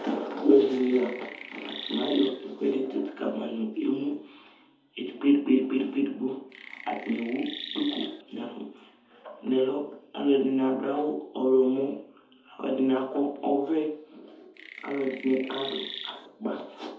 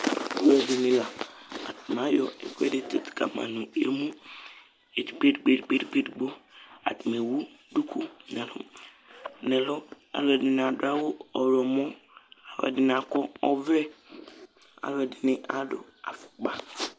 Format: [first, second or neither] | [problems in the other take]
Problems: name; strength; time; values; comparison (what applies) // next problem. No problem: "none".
second | background sound (Chirp, tweet); 12 dB below the speech // room echo; dies away in 0.6 s